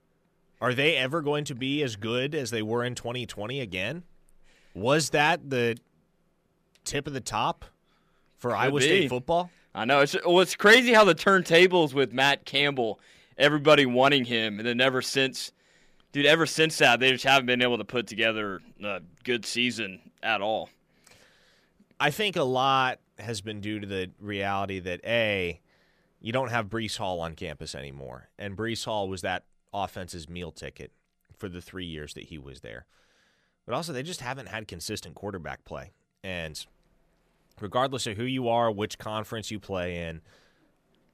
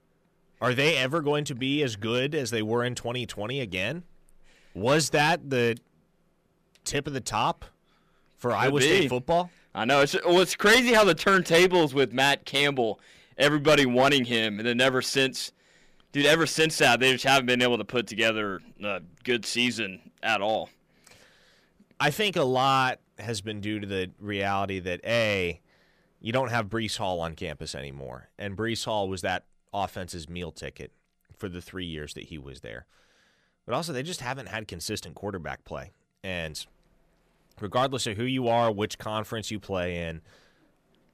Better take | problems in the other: first | distortion; slight; 2% of the sound clipped

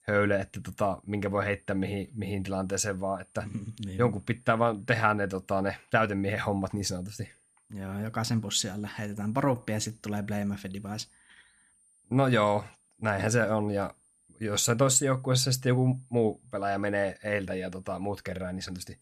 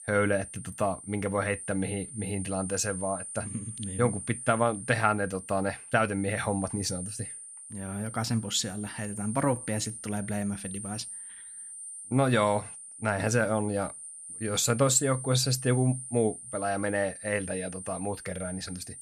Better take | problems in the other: first | high-pitched whine; loud; throughout; 9 kHz, 10 dB below the speech; faint in the first

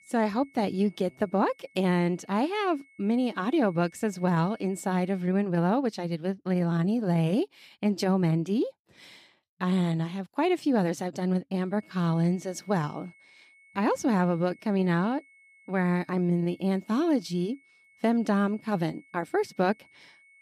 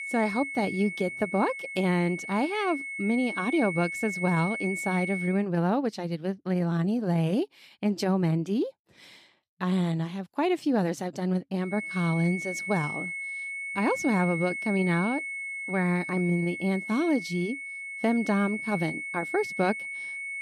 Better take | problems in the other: first | high-pitched whine; loud; until 5.5 s and from 12 s on; 2 kHz, 5 dB below the speech; faint in the first

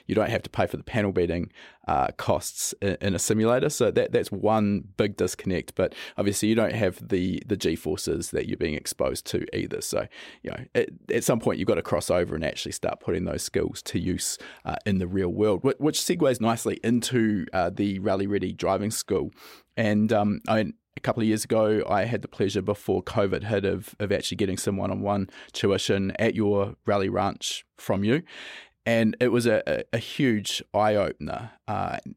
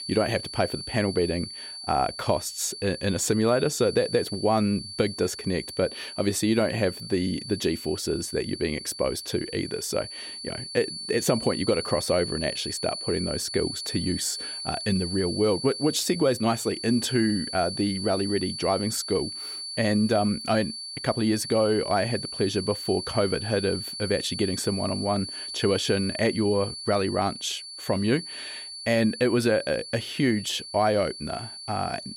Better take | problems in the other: first | high-pitched whine; loud; throughout; 4.5 kHz, 8 dB below the speech

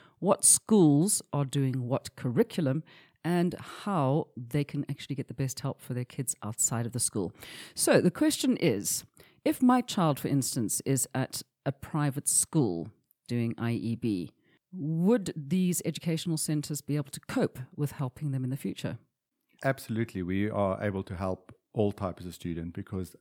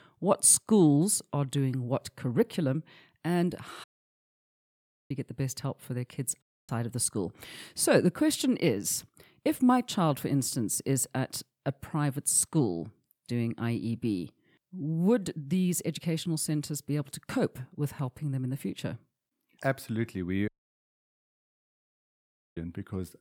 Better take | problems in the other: first | audio cutting out; at 4 s for 1.5 s, at 6.5 s and at 20 s for 2 s

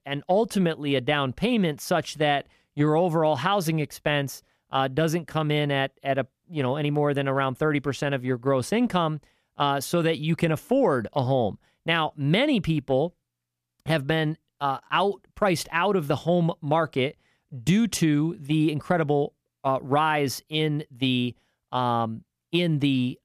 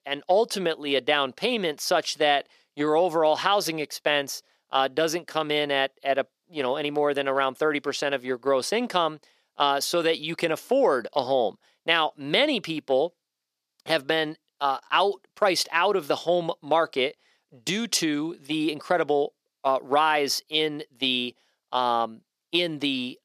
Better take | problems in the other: first | thin; somewhat; fading below 400 Hz

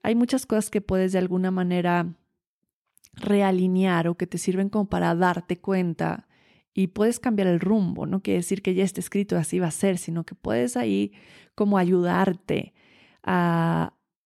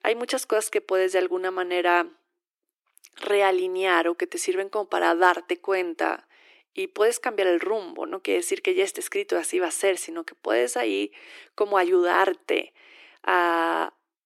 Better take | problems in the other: first | thin; very; fading below 300 Hz

